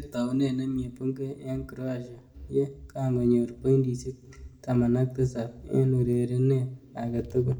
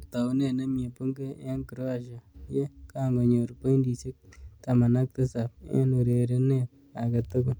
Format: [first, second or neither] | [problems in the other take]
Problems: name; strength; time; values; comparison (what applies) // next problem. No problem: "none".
second | room echo; dies away in 0.6 s